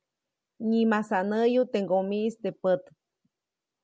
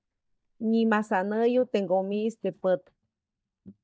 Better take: first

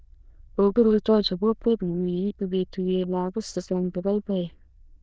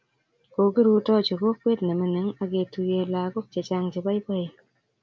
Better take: second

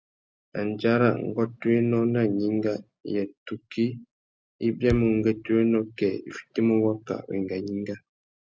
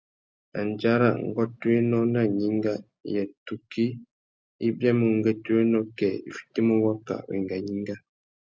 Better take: second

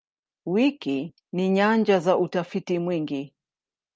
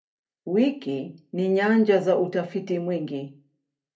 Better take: first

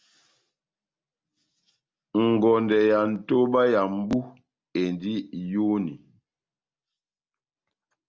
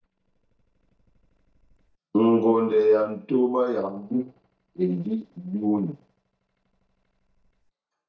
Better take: first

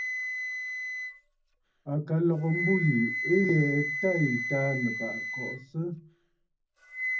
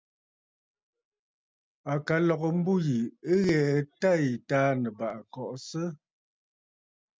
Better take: second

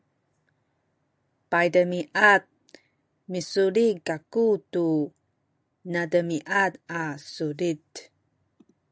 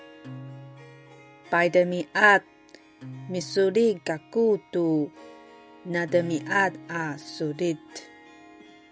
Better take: first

